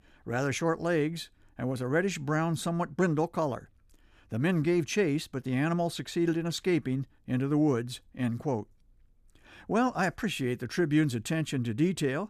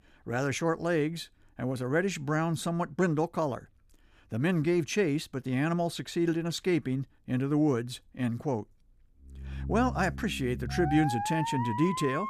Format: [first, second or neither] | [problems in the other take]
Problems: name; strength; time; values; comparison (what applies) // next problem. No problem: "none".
first | background music; loud; from 9.5 s on; 5 dB below the speech